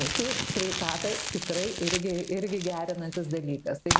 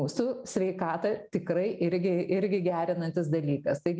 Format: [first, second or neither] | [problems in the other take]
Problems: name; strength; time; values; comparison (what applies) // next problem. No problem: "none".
second | background sound (Crumpling, crinkling); 1 dB below the speech